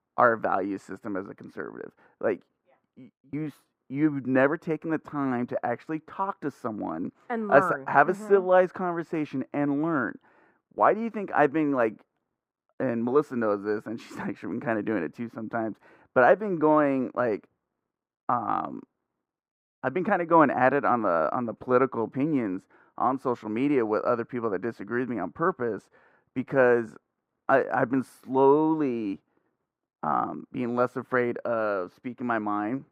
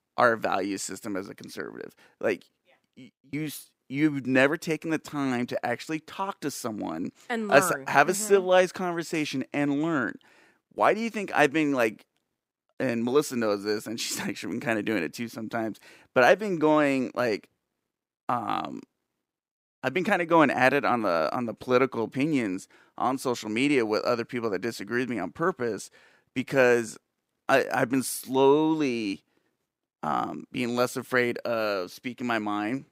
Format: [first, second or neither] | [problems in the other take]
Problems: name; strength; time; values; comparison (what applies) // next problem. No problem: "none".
second | muffled; very; fading above 2 kHz